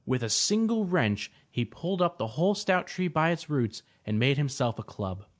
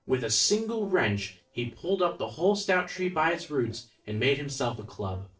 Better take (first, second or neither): first